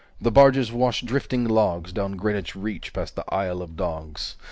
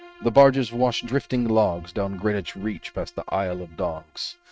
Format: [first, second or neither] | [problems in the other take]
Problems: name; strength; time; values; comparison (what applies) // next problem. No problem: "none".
first | noise reduction (neural mask model RNNoise)